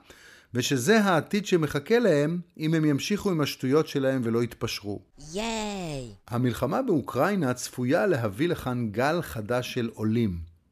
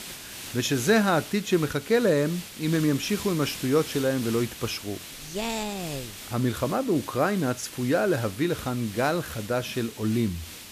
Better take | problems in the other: first | hiss; noticeable; throughout; 10 dB below the speech

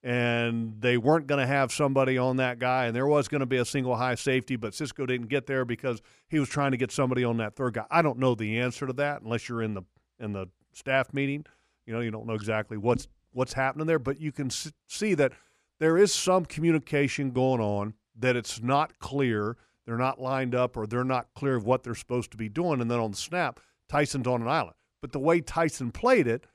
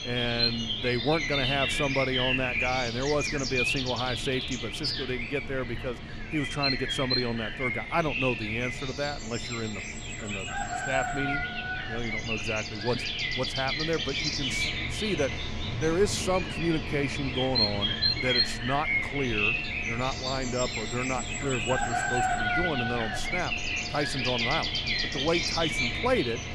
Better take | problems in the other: first | animal sounds; very loud; throughout; 2 dB above the speech

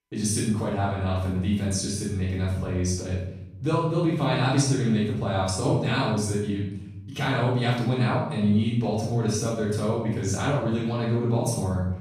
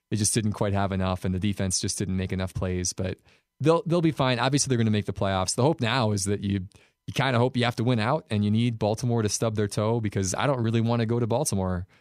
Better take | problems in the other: second | off-mic speech; far // room echo; noticeable; dies away in 0.8 s

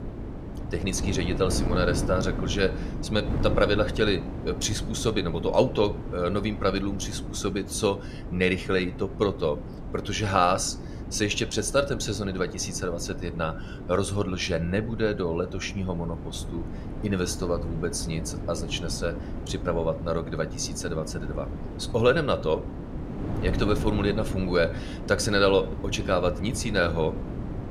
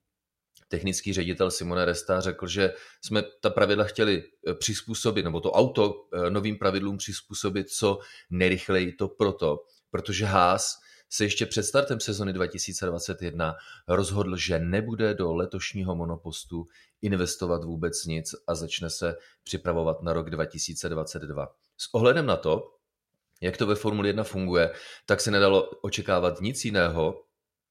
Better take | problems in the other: second | wind noise on the microphone; occasional gusts; 15 dB below the speech

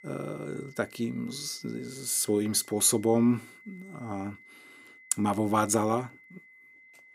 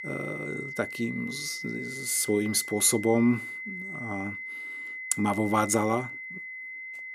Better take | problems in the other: first | high-pitched whine; loud; throughout; 2 kHz, 8 dB below the speech; faint in the first

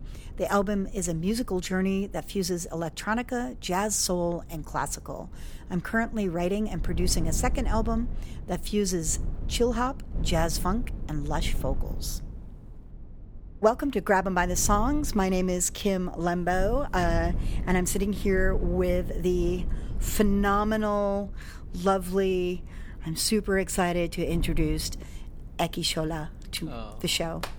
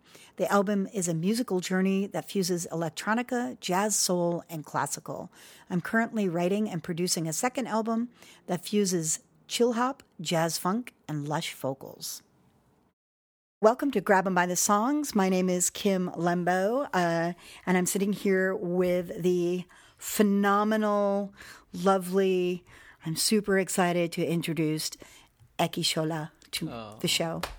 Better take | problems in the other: second | wind noise on the microphone; occasional gusts; 20 dB below the speech

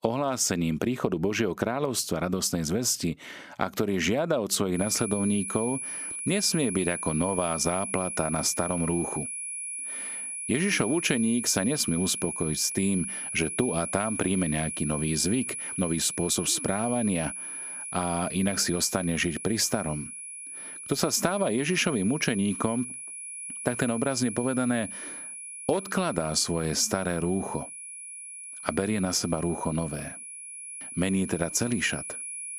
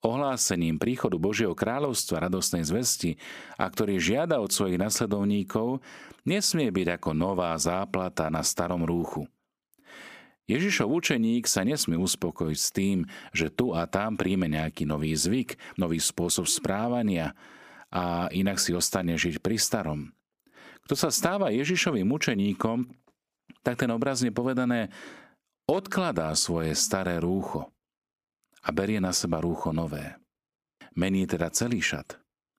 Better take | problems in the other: second | high-pitched whine; loud; from 5 s on; 10.5 kHz, 6 dB below the speech

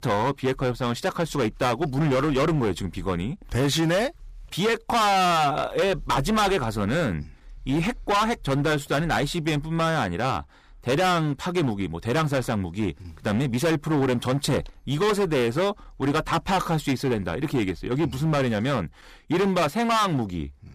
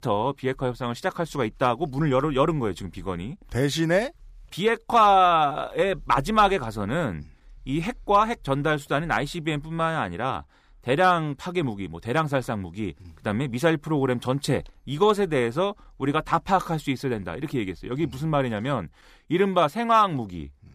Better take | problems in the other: second | distortion; heavy; 17% of the sound clipped

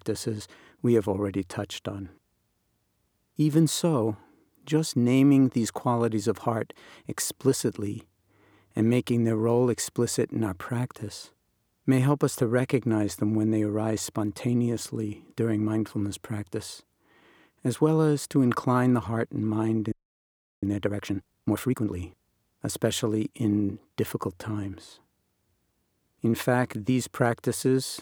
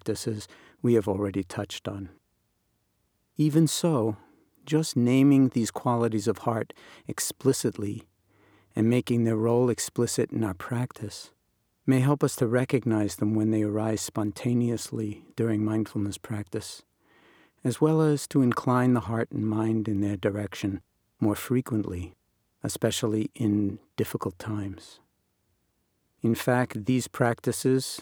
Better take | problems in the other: second | audio freezing; at 20 s for 0.5 s

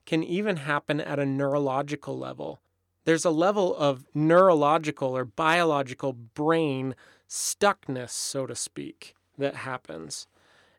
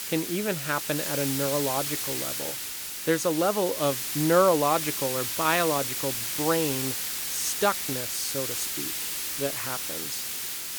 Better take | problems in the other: first | hiss; loud; throughout; 1 dB below the speech

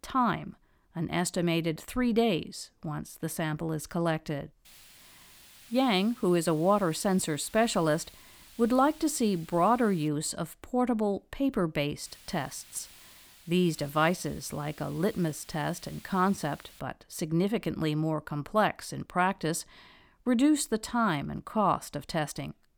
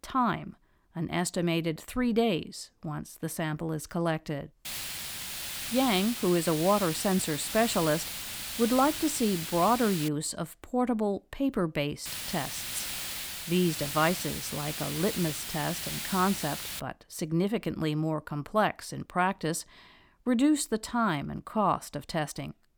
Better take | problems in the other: first | hiss; loud; from 4.5 to 10 s and from 12 to 17 s; 5 dB below the speech; faint in the first

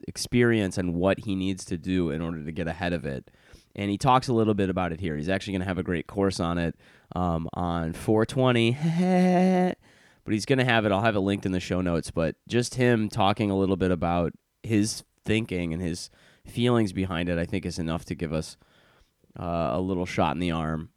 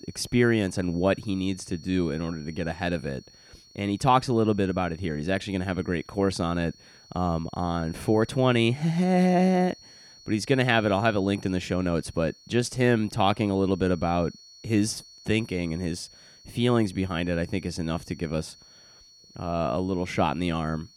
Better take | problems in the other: first | high-pitched whine; faint; throughout; 4.5 kHz, 25 dB below the speech

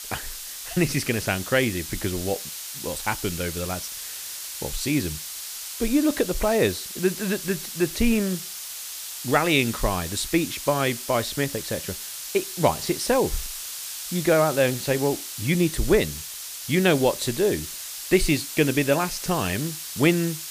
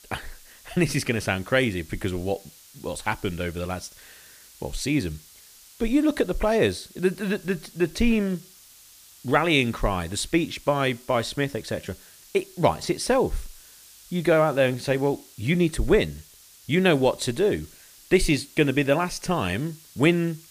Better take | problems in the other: second | hiss; loud; throughout; 8 dB below the speech; faint in the second

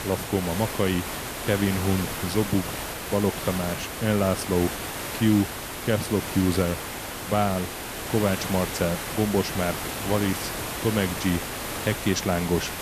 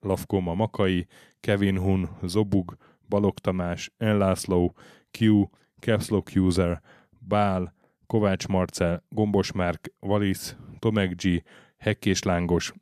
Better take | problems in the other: second | hiss; loud; throughout; 5 dB below the speech

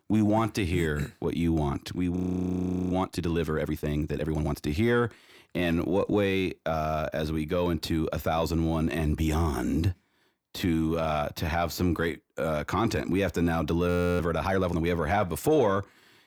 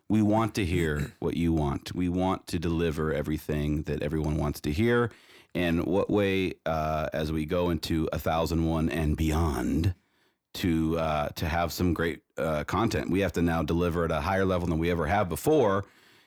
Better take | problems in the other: second | audio freezing; at 2 s for 1 s and at 14 s

